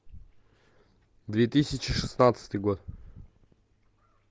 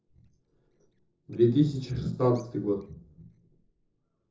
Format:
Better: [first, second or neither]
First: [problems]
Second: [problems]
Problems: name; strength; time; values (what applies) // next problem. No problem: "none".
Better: first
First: none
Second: noise reduction (neural separator model SepFormer DNS4)